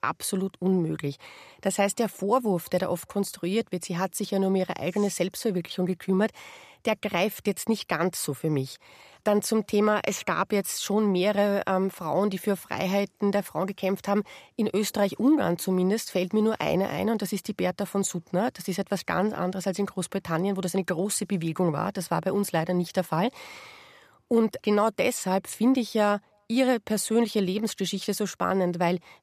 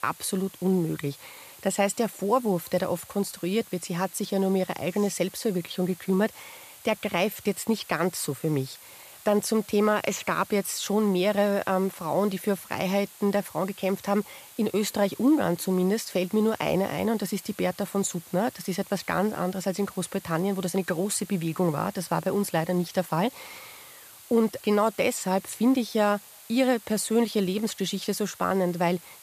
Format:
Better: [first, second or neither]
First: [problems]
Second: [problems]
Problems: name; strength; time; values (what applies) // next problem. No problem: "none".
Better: first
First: none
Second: hiss; noticeable; throughout; 20 dB below the speech